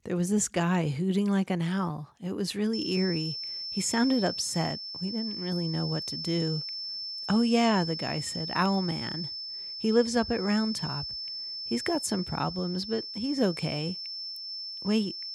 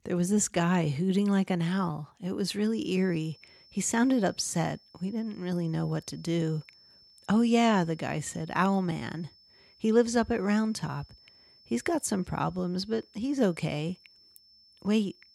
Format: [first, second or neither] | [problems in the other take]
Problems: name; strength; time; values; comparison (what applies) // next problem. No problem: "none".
second | high-pitched whine; loud; from 2.5 s on; 5.5 kHz, 5 dB below the speech; faint in the second